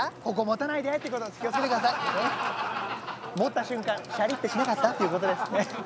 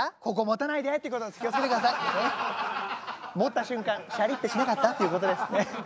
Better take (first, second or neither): second